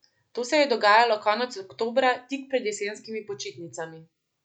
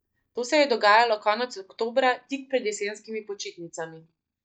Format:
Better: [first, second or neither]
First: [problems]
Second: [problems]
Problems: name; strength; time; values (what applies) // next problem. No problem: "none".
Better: first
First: none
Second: noise reduction (neural mask model DeepFilterNet 3)